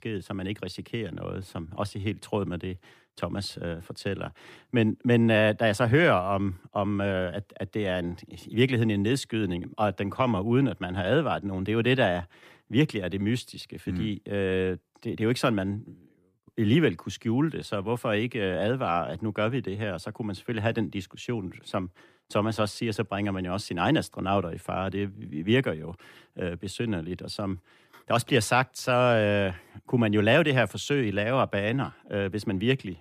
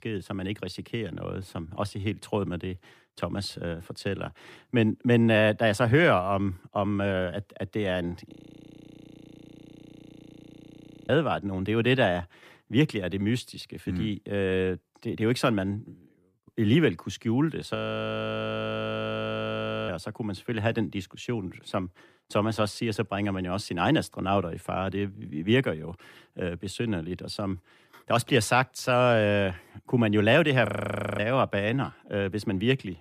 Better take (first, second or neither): first